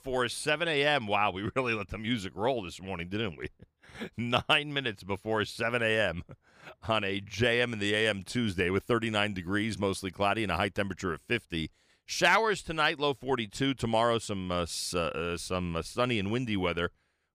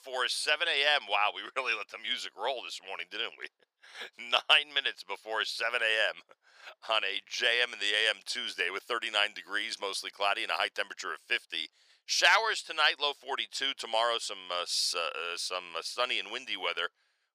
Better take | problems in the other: first | thin; very; fading below 550 Hz

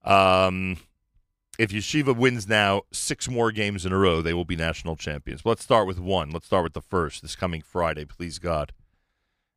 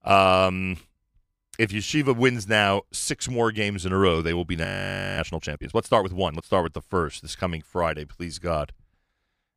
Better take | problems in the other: first | audio freezing; at 4.5 s for 0.5 s

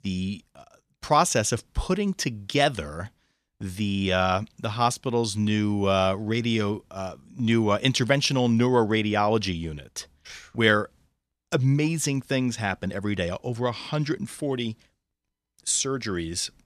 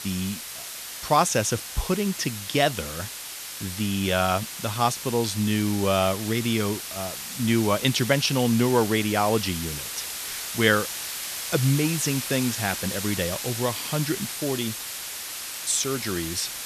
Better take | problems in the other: first | hiss; loud; throughout; 7 dB below the speech

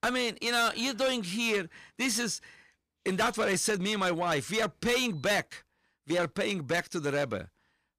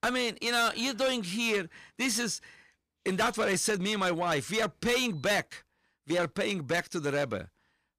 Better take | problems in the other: neither | distortion; heavy; 7 dB below the speech; the same in both

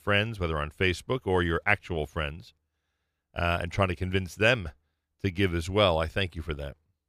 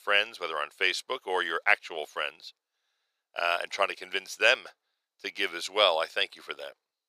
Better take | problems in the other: first | thin; very; fading below 550 Hz

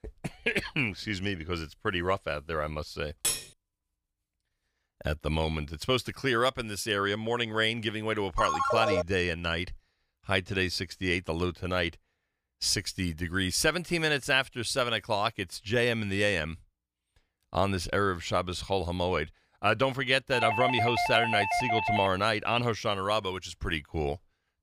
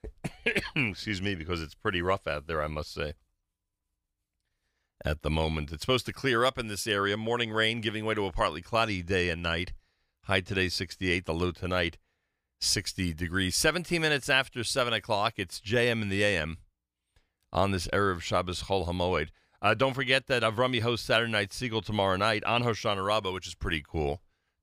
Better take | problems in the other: second | clattering dishes; noticeable; at 3 s; peak level with the speech // phone ringing; loud; at 8.5 s; peak 2 dB above the speech // doorbell; loud; from 20 to 22 s; peak 1 dB above the speech

